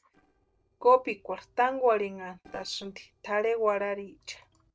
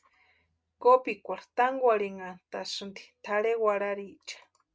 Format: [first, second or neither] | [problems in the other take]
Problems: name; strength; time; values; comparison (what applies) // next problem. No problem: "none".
second | noise reduction (neural separator model SepFormer DNS4)